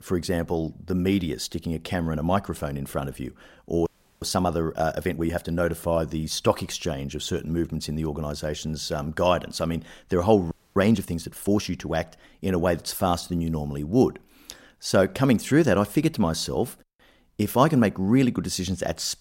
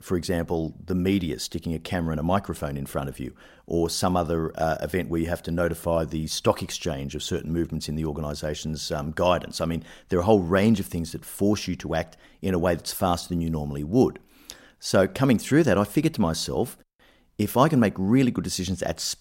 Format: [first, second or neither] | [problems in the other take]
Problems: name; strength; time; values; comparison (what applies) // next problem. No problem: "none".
second | audio freezing; at 4 s and at 11 s